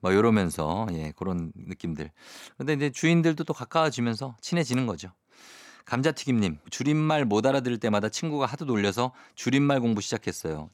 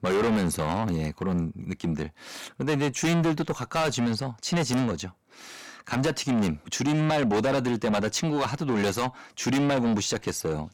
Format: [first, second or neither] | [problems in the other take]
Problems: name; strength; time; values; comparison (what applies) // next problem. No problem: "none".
first | distortion; heavy; 6 dB below the speech